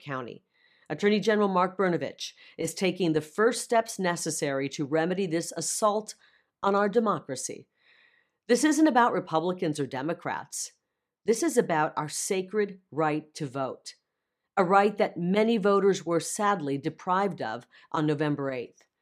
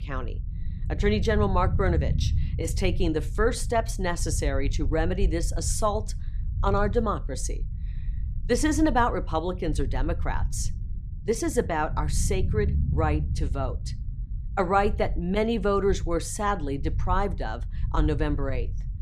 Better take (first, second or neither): first